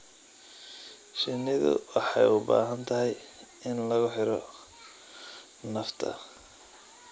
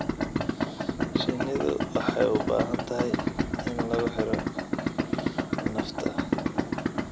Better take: first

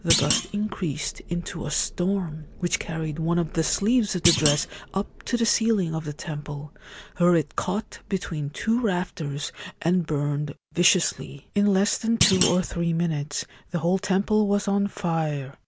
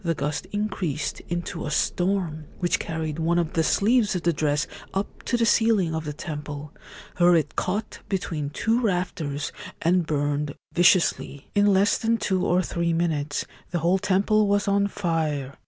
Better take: second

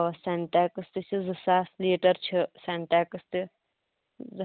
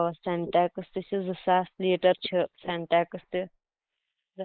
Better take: first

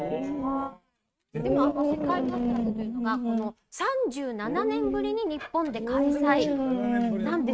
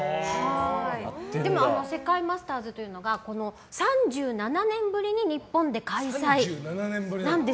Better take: second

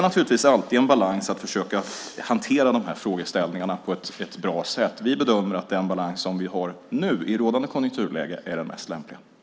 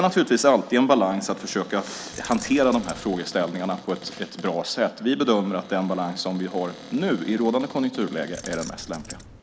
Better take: first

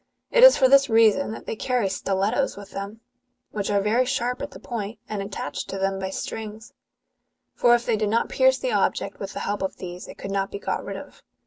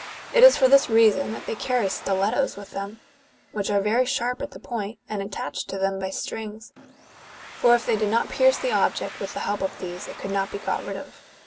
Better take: first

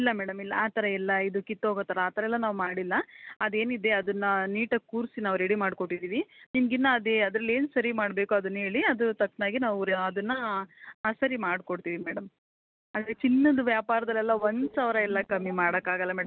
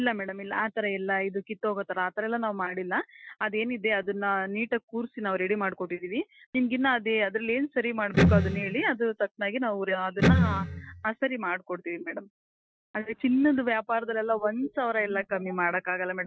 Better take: first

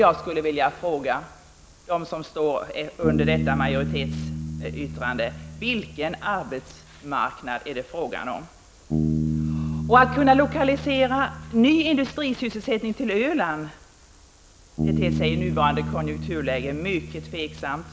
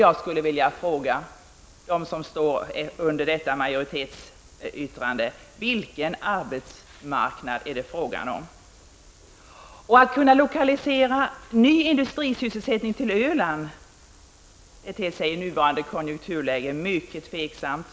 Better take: second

